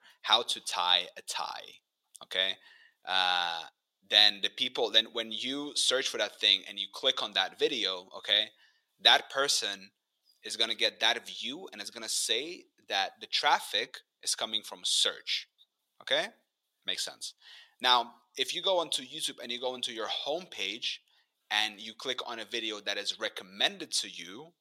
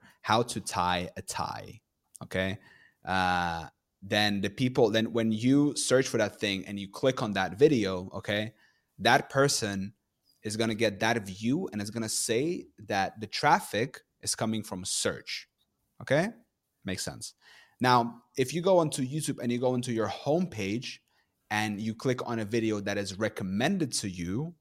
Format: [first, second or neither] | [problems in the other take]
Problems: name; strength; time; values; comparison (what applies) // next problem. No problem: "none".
second | thin; somewhat; fading below 550 Hz